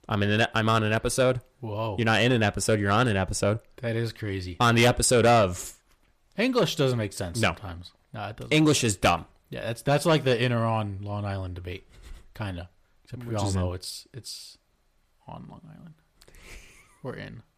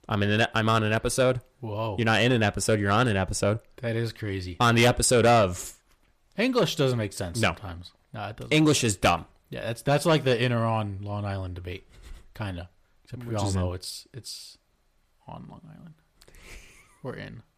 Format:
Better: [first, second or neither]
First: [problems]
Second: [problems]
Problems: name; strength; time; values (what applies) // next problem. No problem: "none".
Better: neither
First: distortion; slight; 10 dB below the speech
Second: distortion; slight; 10 dB below the speech